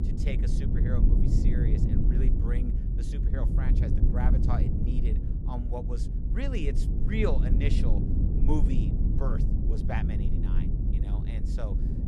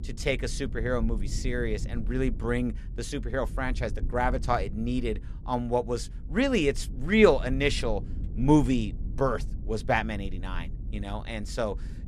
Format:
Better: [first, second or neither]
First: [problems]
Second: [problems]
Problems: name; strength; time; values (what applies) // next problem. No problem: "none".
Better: second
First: low rumble; loud; throughout; 1 dB below the speech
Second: low rumble; faint; throughout; 20 dB below the speech